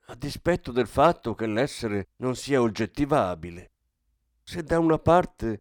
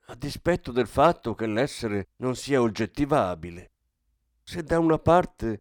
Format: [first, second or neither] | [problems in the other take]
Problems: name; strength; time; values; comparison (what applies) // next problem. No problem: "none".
neither | none